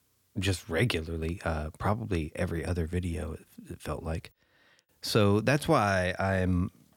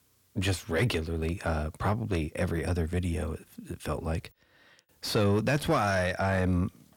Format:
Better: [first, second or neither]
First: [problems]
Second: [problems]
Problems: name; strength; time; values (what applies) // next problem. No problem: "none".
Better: first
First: none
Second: distortion; slight; 10 dB below the speech